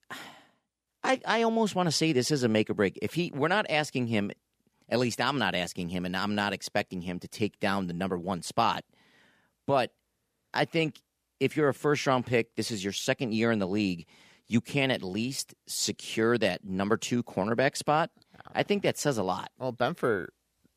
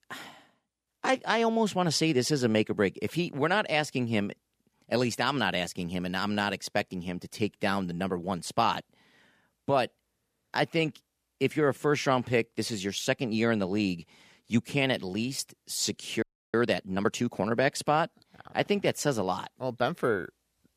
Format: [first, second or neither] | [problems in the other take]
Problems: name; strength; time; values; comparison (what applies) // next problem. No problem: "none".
first | audio freezing; at 16 s